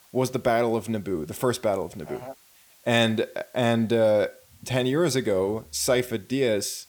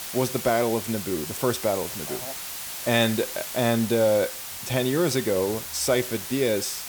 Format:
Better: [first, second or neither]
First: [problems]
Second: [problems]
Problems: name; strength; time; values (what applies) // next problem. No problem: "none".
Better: first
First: hiss; faint; throughout; 30 dB below the speech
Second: hiss; loud; throughout; 7 dB below the speech